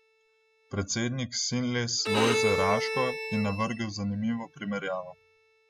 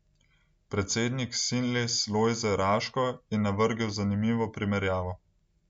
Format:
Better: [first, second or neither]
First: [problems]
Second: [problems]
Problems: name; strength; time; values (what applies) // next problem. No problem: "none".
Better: second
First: noise reduction (classical method spectral subtraction)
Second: none